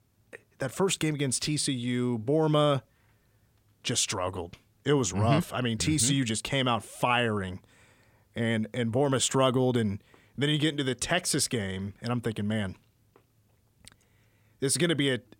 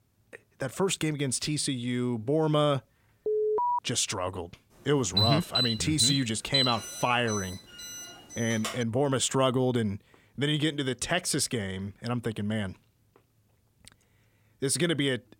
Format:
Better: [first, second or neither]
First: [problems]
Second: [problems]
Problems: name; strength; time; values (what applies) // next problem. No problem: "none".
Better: first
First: none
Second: alarm; loud; at 3.5 s and from 5 to 9 s; peak 2 dB above the speech